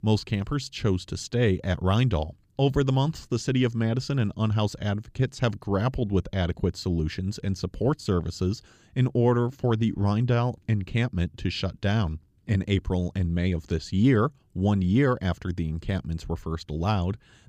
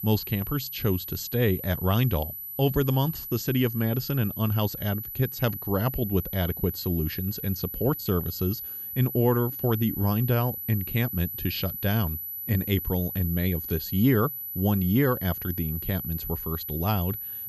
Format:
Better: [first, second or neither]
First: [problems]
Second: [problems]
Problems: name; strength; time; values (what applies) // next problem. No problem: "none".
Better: first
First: none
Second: high-pitched whine; loud; throughout; 12 kHz, 6 dB below the speech